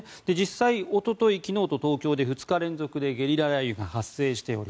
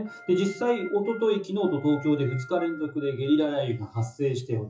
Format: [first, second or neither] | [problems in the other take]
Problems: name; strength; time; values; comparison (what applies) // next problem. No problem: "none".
first | noise reduction (classical method WPE with log-MMSE)